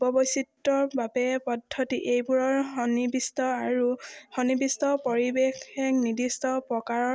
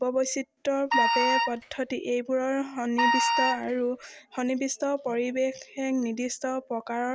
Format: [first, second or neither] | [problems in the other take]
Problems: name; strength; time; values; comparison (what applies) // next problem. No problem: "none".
first | background sound (Wind instrument, woodwind instrument); 2 dB above the speech